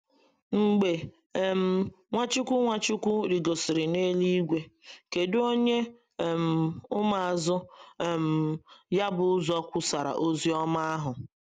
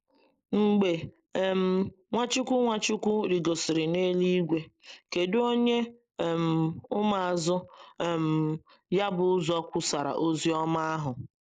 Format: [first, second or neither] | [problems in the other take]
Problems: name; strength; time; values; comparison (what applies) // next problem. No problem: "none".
first | noise reduction (neural mask model Resemble Enhance denoiser)